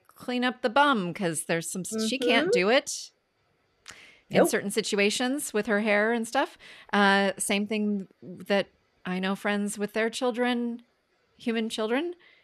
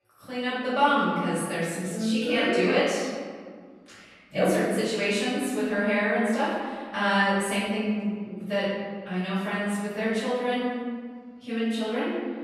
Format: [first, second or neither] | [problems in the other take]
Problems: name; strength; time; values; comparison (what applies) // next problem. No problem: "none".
first | off-mic speech; far // room echo; strong; dies away in 1.6 s